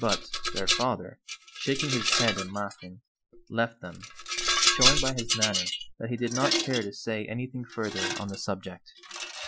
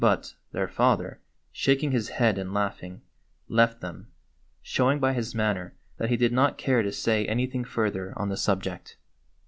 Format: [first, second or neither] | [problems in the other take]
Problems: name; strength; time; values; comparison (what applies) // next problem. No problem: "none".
second | noise reduction (classical method Wiener filter)